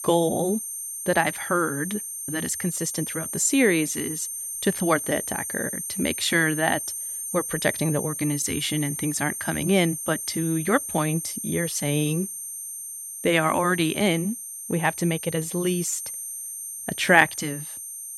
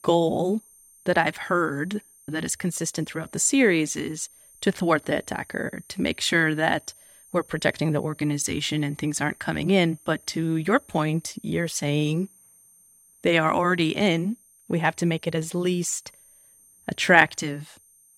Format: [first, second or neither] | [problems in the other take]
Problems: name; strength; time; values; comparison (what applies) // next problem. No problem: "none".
second | high-pitched whine; loud; throughout; 9 kHz, 6 dB below the speech; faint in the second